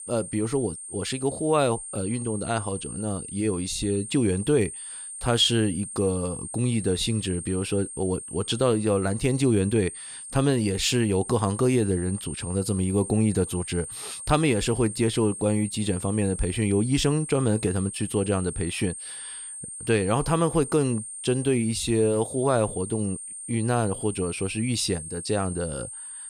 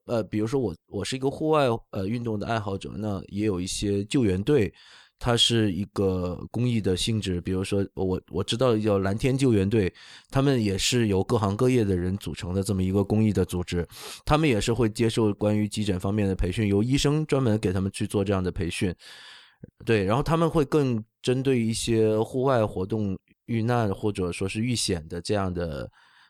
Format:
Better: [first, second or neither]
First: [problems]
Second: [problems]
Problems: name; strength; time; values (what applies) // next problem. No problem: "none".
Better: second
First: high-pitched whine; loud; throughout; 8.5 kHz, 10 dB below the speech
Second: none